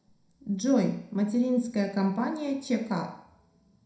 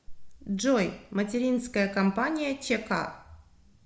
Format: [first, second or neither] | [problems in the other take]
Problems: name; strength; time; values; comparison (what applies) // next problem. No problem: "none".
second | room echo; dies away in 0.4 s